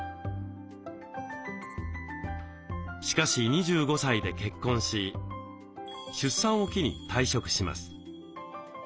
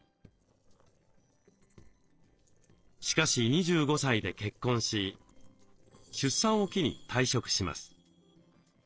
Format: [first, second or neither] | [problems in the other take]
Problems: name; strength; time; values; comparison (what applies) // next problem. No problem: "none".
first | noise reduction (neural separator model SepFormer DNS4)